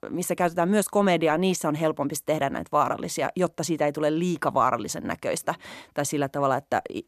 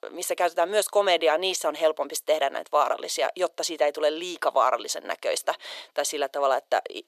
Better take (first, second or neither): first